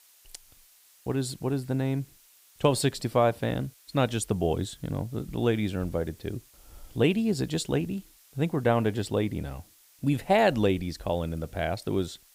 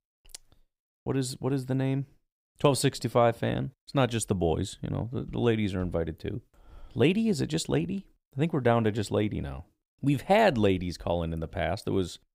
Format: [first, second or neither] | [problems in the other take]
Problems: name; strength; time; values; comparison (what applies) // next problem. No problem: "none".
second | hiss; faint; throughout; 25 dB below the speech